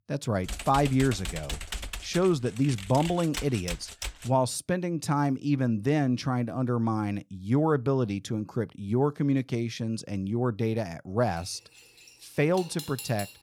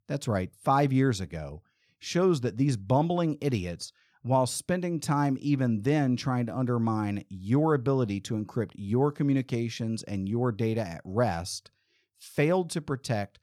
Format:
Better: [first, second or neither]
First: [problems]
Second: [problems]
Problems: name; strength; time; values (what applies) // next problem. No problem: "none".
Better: second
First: keyboard typing; noticeable; until 4.5 s; peak 7 dB below the speech // clattering dishes; faint; from 11 s on; peak 10 dB below the speech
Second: none